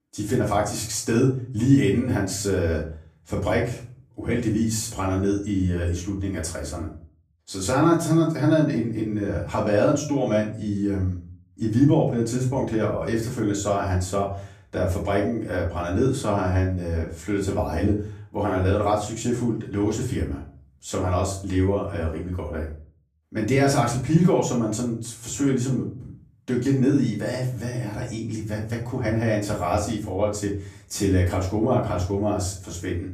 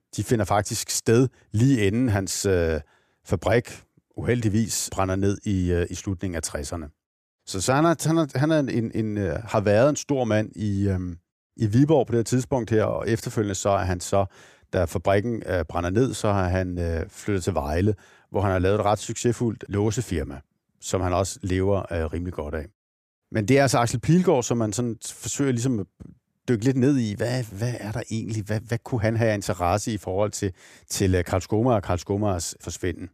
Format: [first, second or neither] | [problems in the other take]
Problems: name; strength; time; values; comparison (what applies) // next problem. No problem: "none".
second | off-mic speech; far // room echo; slight; dies away in 0.4 s